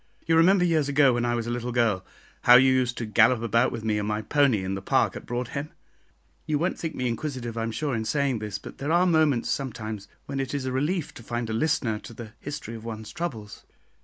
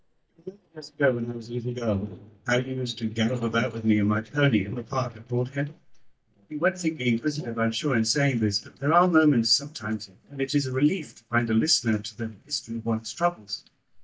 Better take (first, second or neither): first